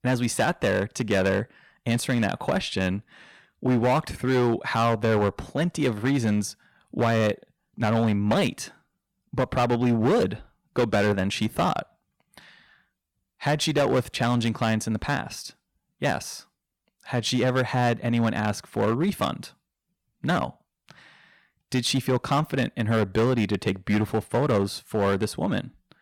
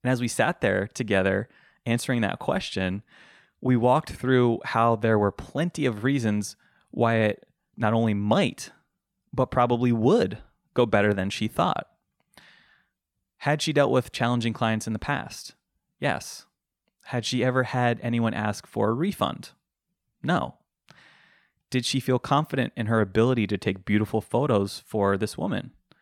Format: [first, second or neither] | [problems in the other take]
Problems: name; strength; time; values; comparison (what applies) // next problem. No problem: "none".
second | distortion; slight; 8% of the sound clipped